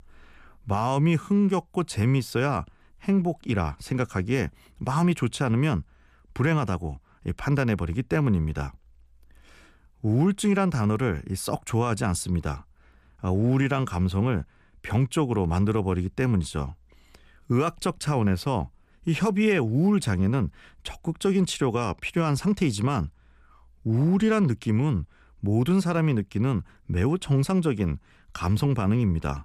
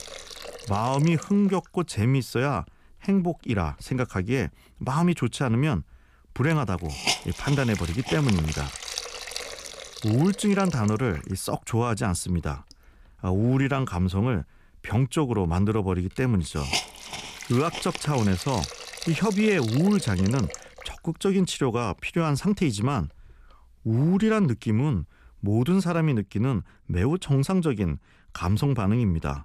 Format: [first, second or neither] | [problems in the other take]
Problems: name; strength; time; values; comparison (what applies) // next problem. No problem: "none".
first | hiss; loud; until 26 s; 9 dB below the speech